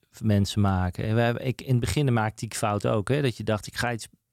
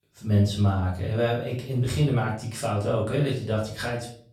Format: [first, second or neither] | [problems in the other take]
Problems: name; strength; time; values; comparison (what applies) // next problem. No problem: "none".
first | room echo; slight; dies away in 0.4 s // off-mic speech; far